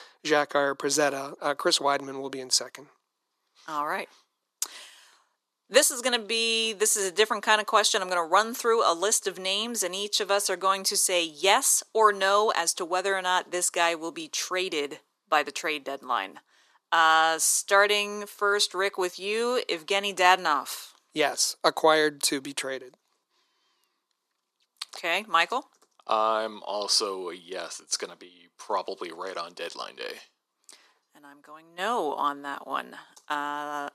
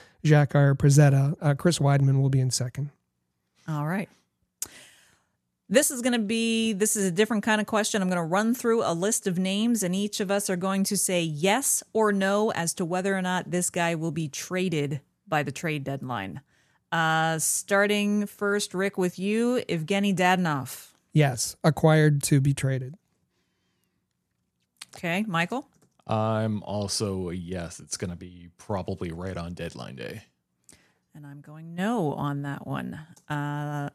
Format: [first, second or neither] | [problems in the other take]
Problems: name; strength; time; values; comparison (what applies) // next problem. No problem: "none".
second | thin; very; fading below 350 Hz